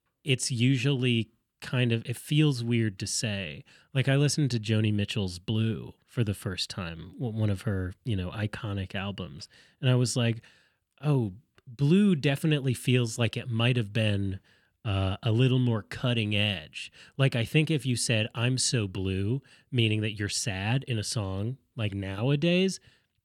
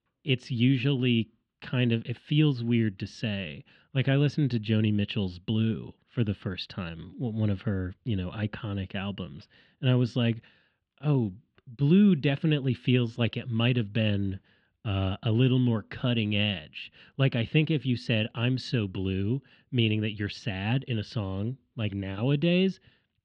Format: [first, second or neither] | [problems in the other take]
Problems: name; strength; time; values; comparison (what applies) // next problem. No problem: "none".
first | muffled; slightly; fading above 3.5 kHz